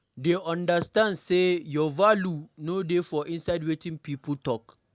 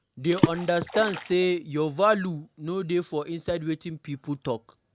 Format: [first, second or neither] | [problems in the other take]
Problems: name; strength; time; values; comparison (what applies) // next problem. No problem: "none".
first | background sound (Water / Splash, splatter); 2 dB below the speech